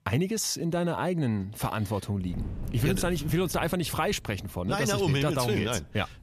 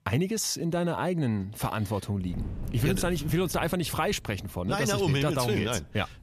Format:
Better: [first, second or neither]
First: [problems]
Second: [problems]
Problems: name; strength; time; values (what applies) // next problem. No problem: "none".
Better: neither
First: wind noise on the microphone; occasional gusts; from 2 s on; 20 dB below the speech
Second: wind noise on the microphone; occasional gusts; from 2 s on; 20 dB below the speech